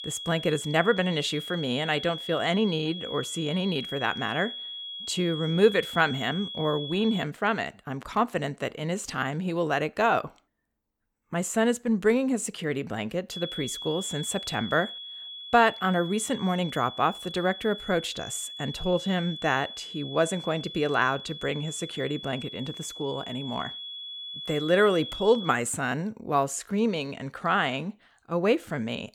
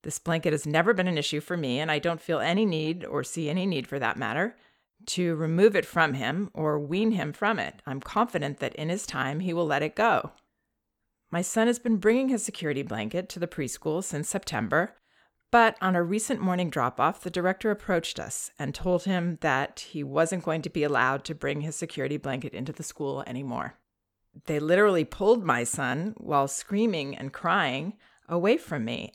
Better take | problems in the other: second | high-pitched whine; loud; until 7 s and from 13 to 26 s; 3.5 kHz, 9 dB below the speech

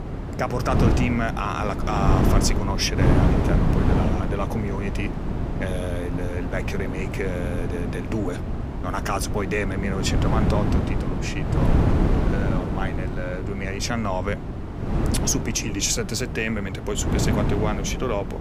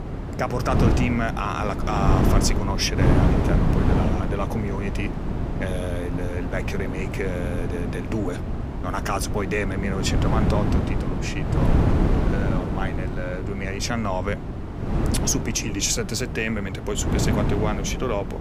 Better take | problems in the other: neither | wind noise on the microphone; heavy; 3 dB below the speech; the same in both

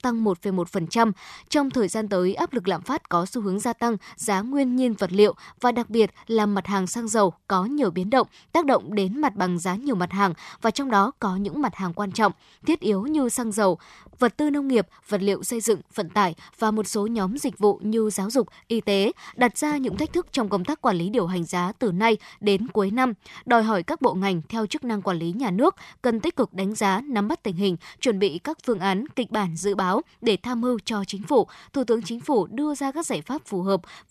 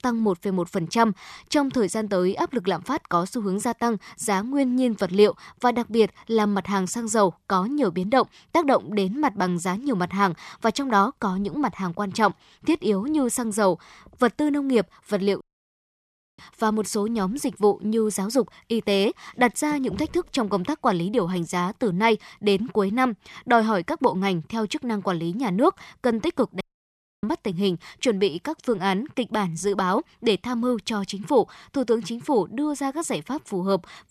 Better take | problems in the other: first | audio cutting out; at 15 s for 1 s and at 27 s for 0.5 s

